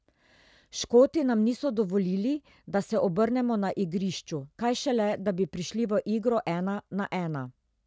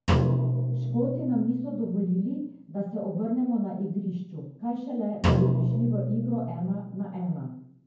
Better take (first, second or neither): first